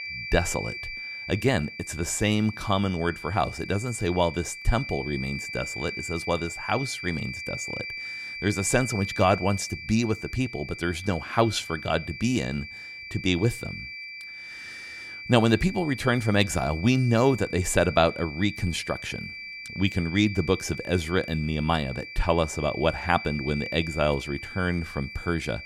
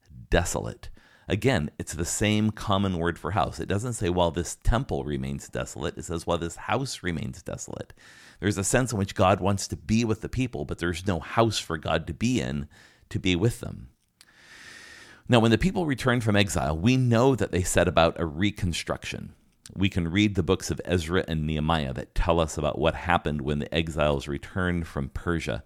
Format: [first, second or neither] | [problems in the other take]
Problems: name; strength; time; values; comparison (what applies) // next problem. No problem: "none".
second | high-pitched whine; loud; throughout; 2.5 kHz, 9 dB below the speech